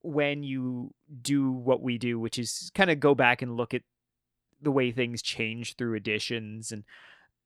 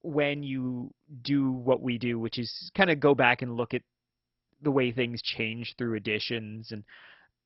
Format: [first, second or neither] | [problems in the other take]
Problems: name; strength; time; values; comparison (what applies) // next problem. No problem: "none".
first | garbled, watery; badly; nothing above 5.5 kHz